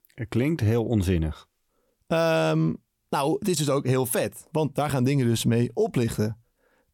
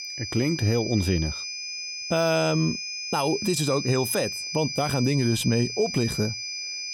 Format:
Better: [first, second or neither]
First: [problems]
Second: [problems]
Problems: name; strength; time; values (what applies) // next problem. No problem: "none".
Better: first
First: none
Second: high-pitched whine; loud; throughout; 5 kHz, 5 dB below the speech